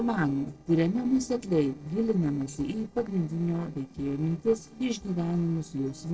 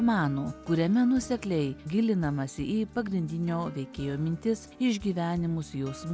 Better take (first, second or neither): second